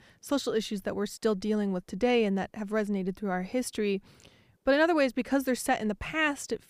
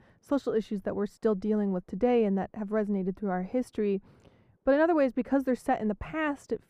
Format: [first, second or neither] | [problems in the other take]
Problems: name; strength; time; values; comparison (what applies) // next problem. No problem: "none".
first | muffled; very; fading above 2 kHz